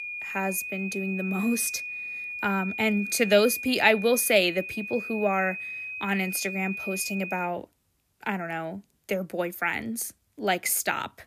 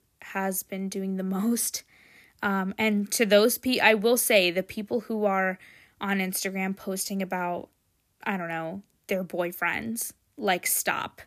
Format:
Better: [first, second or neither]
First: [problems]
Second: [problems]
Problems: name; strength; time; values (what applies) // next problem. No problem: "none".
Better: second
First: high-pitched whine; loud; until 7.5 s; 2.5 kHz, 7 dB below the speech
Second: none